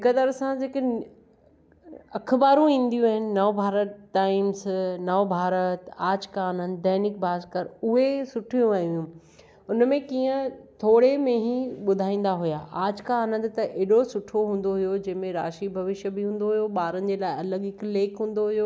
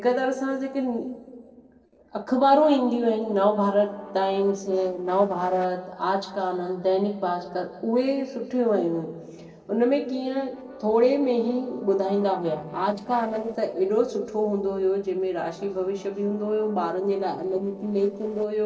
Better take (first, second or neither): first